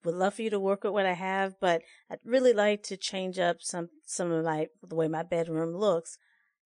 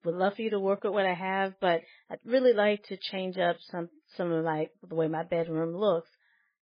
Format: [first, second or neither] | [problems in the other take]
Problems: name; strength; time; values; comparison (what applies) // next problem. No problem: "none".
first | garbled, watery; badly; nothing above 4.5 kHz; slightly in the first